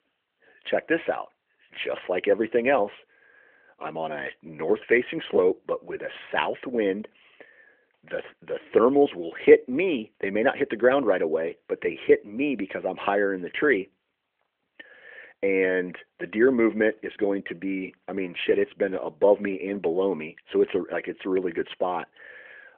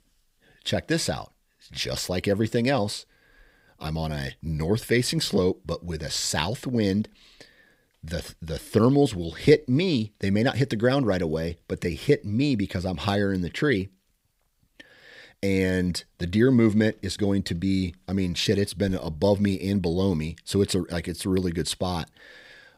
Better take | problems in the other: second | phone-call audio

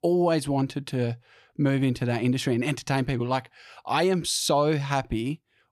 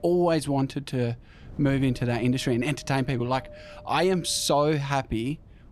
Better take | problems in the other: first | wind noise on the microphone; occasional gusts; 20 dB below the speech

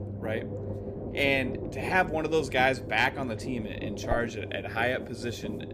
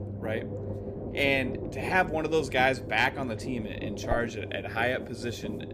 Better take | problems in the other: neither | low rumble; noticeable; throughout; 10 dB below the speech; the same in both

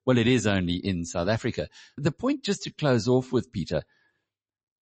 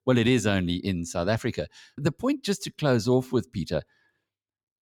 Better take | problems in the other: second | garbled, watery; slightly; nothing above 8 kHz

